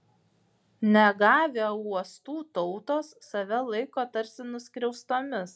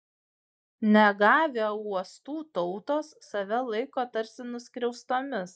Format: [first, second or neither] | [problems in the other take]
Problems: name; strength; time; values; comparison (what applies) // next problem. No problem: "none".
first | noise reduction (neural mask model Resemble Enhance denoiser)